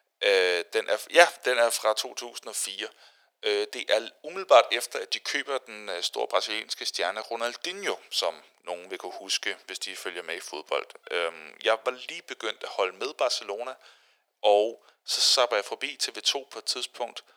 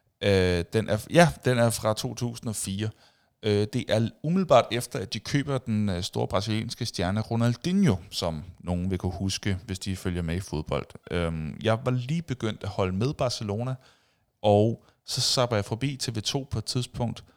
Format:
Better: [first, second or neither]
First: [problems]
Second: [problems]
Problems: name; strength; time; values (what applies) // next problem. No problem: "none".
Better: second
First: thin; very; fading below 400 Hz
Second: none